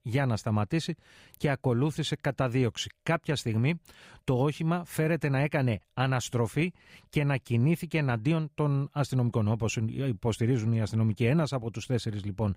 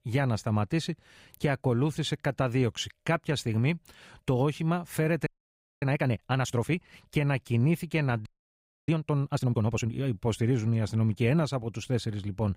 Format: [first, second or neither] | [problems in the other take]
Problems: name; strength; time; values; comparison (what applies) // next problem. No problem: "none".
first | audio freezing; at 5.5 s for 0.5 s and at 8.5 s for 0.5 s